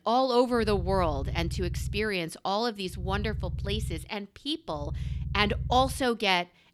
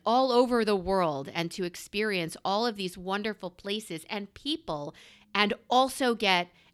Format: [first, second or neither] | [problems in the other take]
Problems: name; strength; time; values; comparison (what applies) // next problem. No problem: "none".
second | low rumble; faint; from 0.5 to 2 s, from 3 to 4 s and from 5 to 6 s; 20 dB below the speech